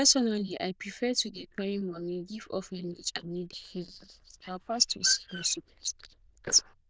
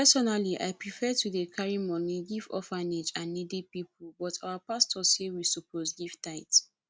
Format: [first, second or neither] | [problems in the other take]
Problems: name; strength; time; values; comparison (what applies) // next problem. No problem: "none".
second | noise reduction (neural diffusion model UNIVERSE++)